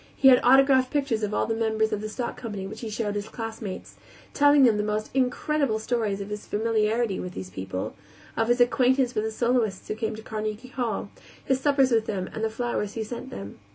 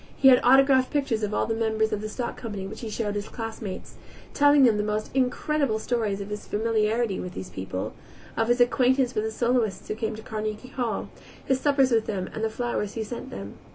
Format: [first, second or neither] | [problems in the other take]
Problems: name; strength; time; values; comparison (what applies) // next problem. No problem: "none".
first | background sound (Subway, metro, underground); 17 dB below the speech